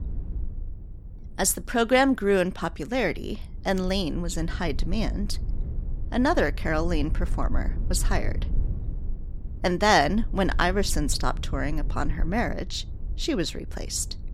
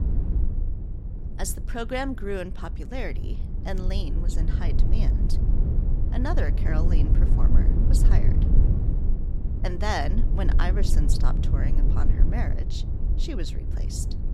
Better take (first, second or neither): first